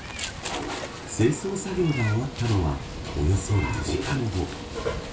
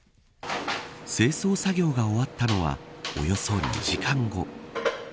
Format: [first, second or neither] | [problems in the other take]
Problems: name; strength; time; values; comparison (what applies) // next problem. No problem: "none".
second | background sound (Meow); 8 dB below the speech // room echo; dies away in 0.3 s